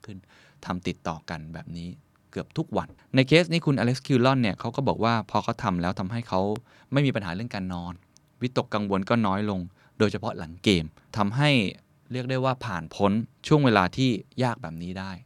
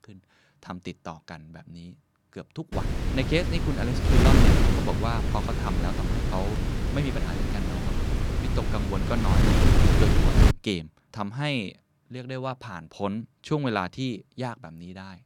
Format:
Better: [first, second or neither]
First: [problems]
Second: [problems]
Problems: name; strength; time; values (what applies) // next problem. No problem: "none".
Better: first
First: none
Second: wind noise on the microphone; heavy; from 2.5 to 11 s; 2 dB above the speech